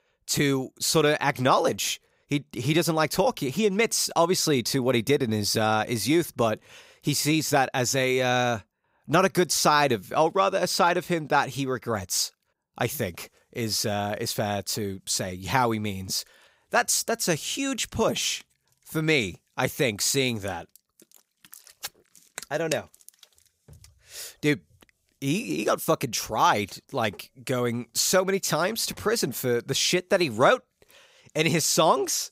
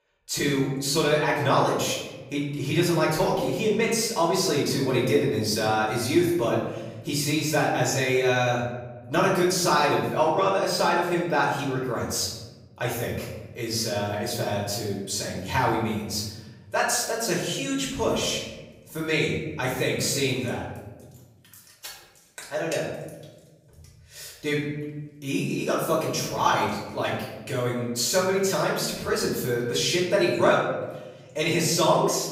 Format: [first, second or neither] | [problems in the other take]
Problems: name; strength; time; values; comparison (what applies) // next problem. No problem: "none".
first | room echo; noticeable; dies away in 1.1 s // off-mic speech; far